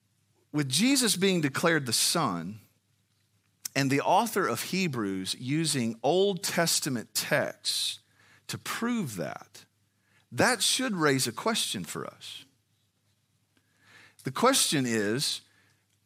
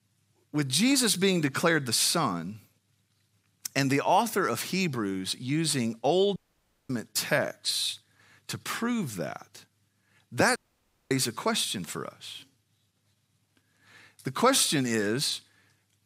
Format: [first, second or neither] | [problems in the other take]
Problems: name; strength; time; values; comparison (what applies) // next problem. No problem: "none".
first | audio cutting out; at 6.5 s for 0.5 s and at 11 s for 0.5 s